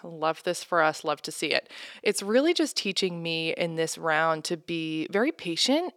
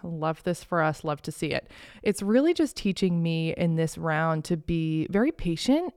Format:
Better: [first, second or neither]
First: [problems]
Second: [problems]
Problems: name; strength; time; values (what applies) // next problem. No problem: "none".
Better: second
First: thin; somewhat; fading below 350 Hz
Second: none